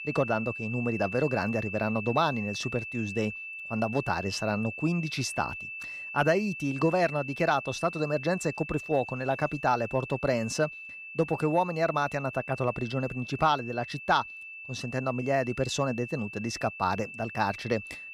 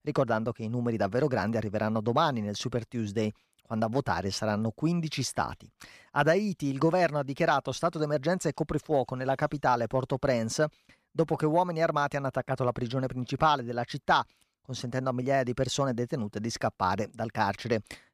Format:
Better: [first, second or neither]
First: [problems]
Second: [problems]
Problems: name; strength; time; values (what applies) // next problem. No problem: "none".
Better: second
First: high-pitched whine; loud; throughout; 2.5 kHz, 9 dB below the speech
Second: none